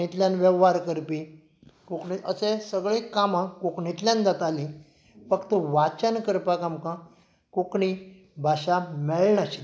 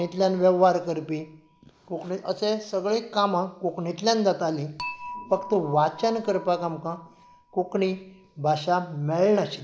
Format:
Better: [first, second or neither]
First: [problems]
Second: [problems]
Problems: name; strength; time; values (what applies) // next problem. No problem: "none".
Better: first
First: none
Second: background sound (Dishes, pots, and pans / Chink, clink); 20 dB below the speech